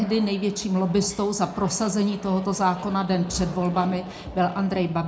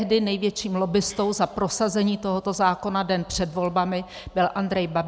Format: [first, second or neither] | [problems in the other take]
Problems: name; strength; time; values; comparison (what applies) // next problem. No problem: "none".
second | background sound (Aircraft); 17 dB below the speech // room echo; dies away in 0.3 s